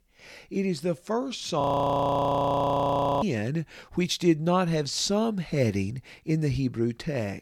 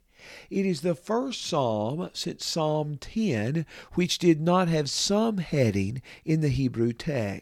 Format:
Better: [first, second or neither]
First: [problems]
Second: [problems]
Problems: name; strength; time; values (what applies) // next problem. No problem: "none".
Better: second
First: audio freezing; at 1.5 s for 1.5 s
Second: none